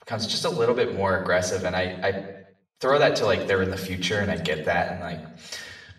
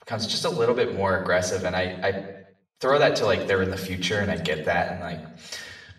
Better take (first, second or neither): neither